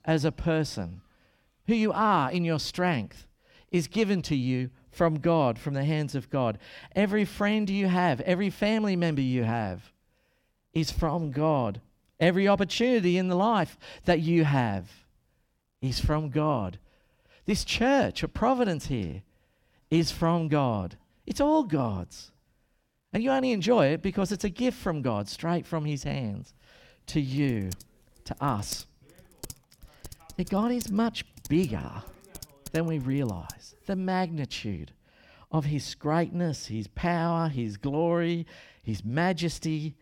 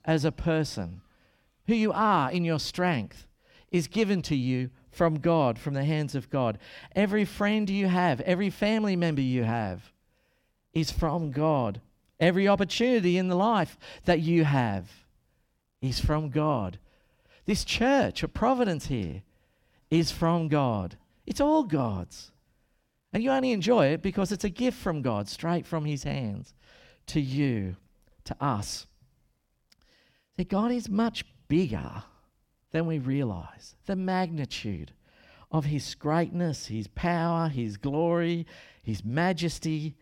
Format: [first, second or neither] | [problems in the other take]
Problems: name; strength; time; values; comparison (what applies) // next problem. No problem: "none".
second | keyboard typing; faint; from 27 to 34 s; peak 15 dB below the speech